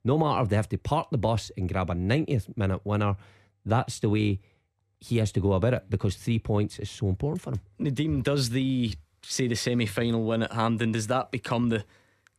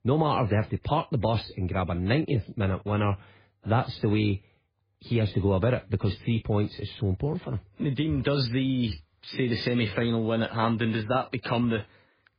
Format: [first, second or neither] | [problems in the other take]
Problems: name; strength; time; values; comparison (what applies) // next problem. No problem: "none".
first | garbled, watery; badly